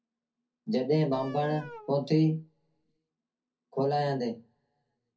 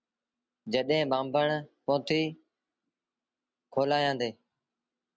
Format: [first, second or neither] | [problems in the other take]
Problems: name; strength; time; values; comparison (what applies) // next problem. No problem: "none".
second | background sound (Wind instrument, woodwind instrument); 17 dB below the speech // room echo; dies away in 0.3 s